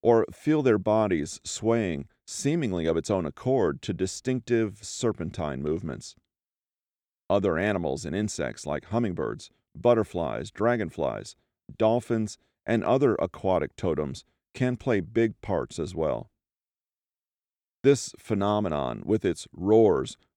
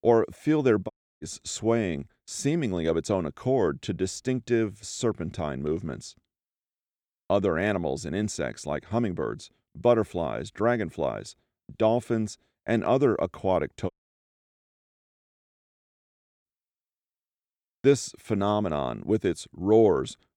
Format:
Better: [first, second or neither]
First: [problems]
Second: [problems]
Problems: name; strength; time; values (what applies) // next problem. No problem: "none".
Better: first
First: none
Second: audio cutting out; at 1 s and at 14 s for 2.5 s